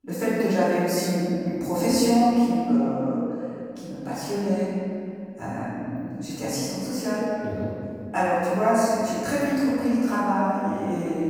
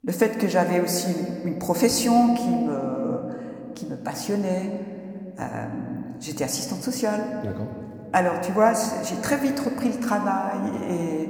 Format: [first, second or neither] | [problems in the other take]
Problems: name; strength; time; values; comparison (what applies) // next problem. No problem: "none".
second | room echo; strong; dies away in 2.4 s; slight in the second // off-mic speech; far